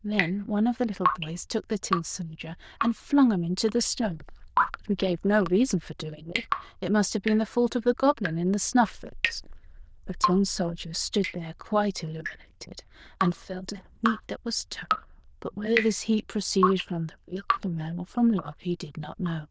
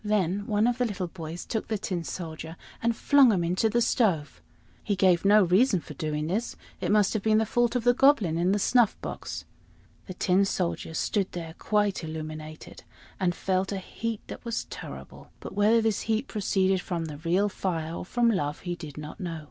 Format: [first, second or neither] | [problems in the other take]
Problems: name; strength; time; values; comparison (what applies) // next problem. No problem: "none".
second | noise reduction (neural diffusion model UNIVERSE++)